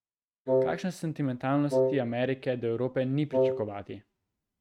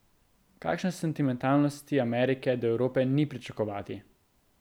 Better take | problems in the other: second | noise reduction (neural mask model RNNoise)

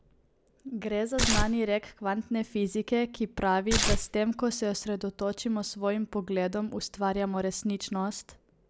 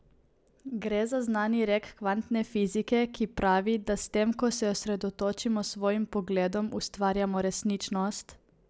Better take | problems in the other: second | background sound (Tearing); 3 dB above the speech

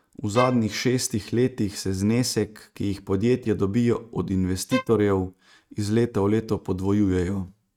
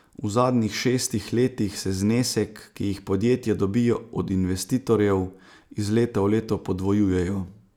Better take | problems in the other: second | noise reduction (neural mask model RNNoise)

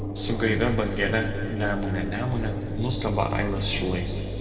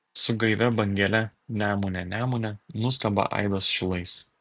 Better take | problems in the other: second | background sound (Engine); 1 dB below the speech // room echo; dies away in 2.2 s

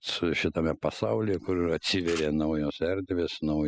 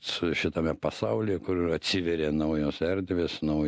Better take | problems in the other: second | noise reduction (classical method spectral subtraction)

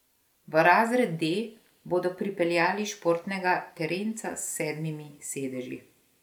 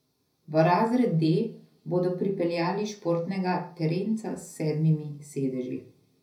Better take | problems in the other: first | room echo; dies away in 0.4 s

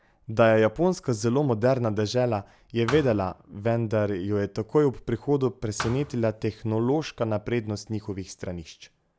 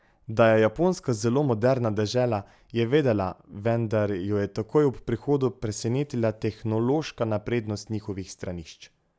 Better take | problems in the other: second | background sound (Thump, thud); 14 dB below the speech

